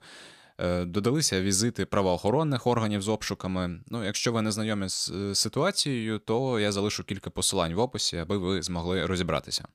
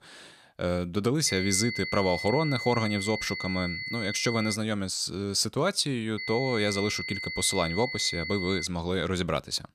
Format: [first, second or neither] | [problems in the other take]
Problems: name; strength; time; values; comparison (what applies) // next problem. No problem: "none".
first | high-pitched whine; loud; from 1.5 to 4.5 s and from 6 to 8.5 s; 2 kHz, 5 dB below the speech